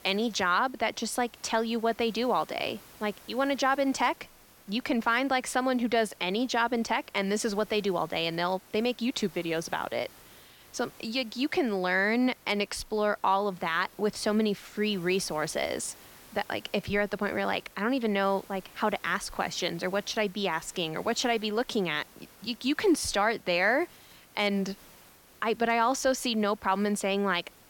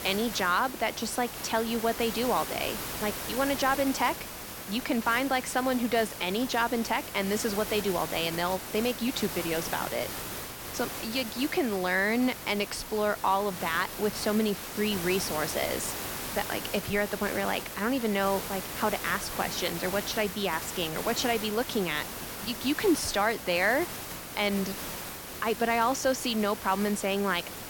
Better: first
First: hiss; faint; throughout; 25 dB below the speech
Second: hiss; loud; throughout; 7 dB below the speech

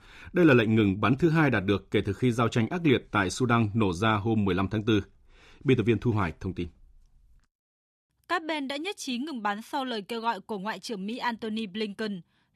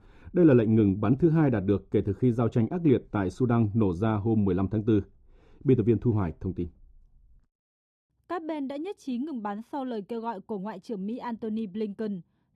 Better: first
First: none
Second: muffled; slightly; fading above 1 kHz

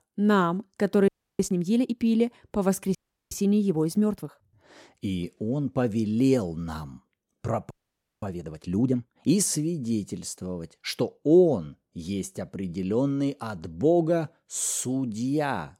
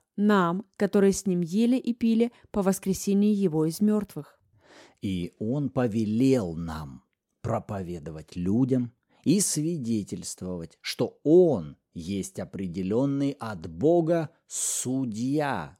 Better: second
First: audio freezing; at 1 s, at 3 s and at 7.5 s for 0.5 s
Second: none

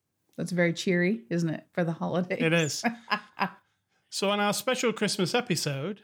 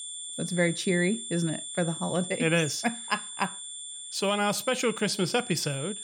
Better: first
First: none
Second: high-pitched whine; loud; throughout; 3.5 kHz, 8 dB below the speech

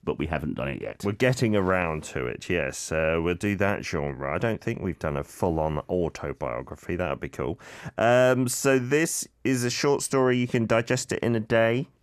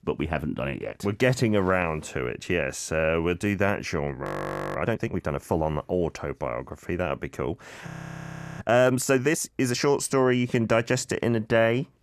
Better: first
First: none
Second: audio freezing; at 4 s for 0.5 s and at 8 s for 0.5 s

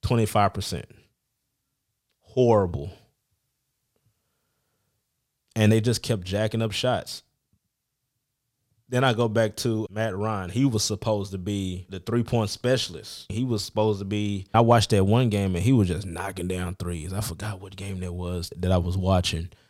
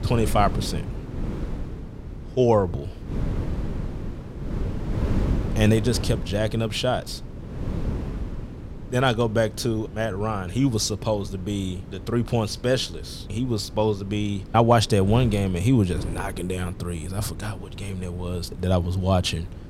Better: first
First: none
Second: wind noise on the microphone; occasional gusts; 15 dB below the speech

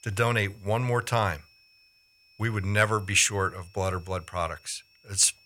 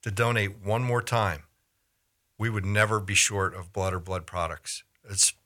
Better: second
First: high-pitched whine; faint; throughout; 5.5 kHz, 30 dB below the speech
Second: none

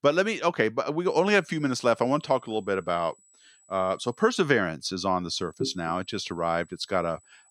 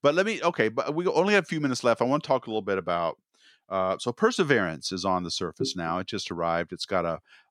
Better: second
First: high-pitched whine; faint; from 1 to 4.5 s and from 5.5 s on; 8 kHz, 30 dB below the speech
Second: none

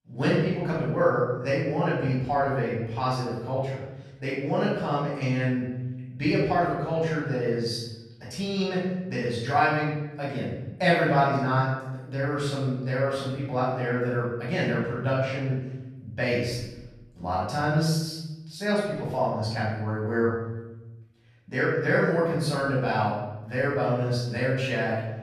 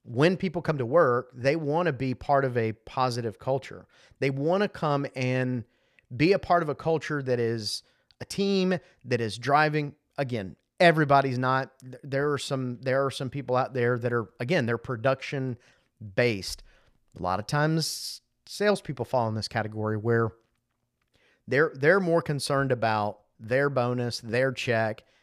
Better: second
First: off-mic speech; far // room echo; strong; dies away in 1 s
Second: none

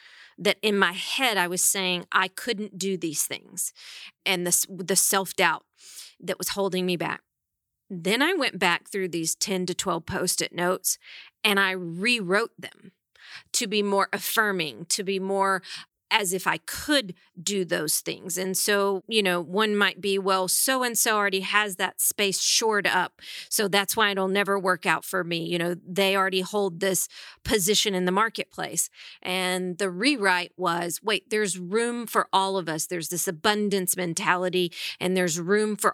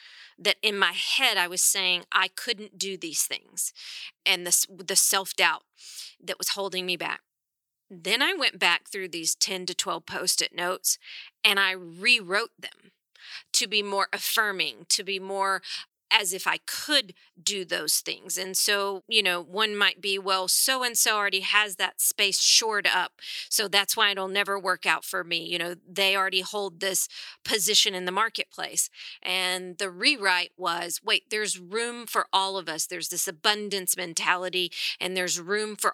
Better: first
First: none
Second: thin; somewhat; fading below 600 Hz

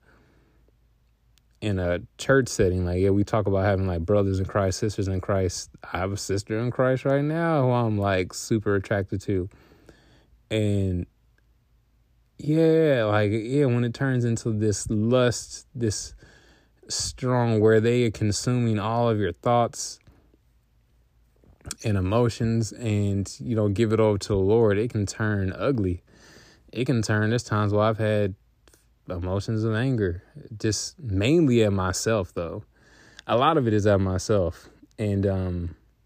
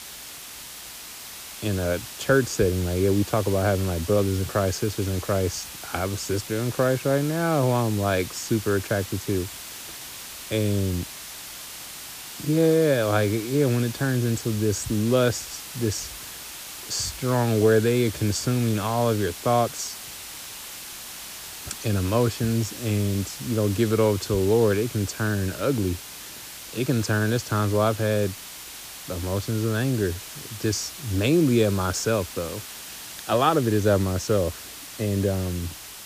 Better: first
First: none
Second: hiss; noticeable; throughout; 10 dB below the speech

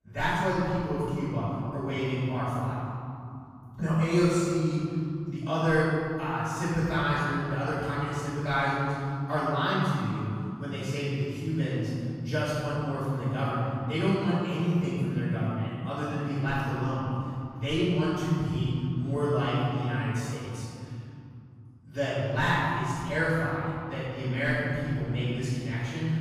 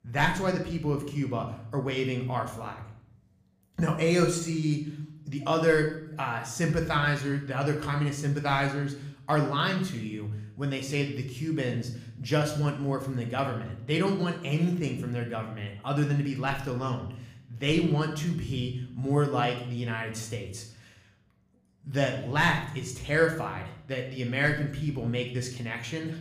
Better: second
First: room echo; strong; dies away in 3 s // off-mic speech; far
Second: room echo; slight; dies away in 0.6 s

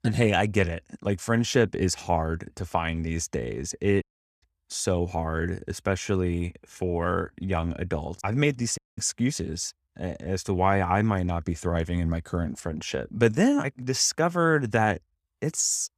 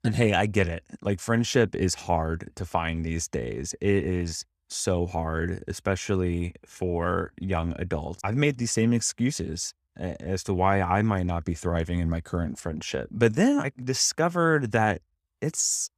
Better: second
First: audio cutting out; at 4 s and at 9 s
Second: none

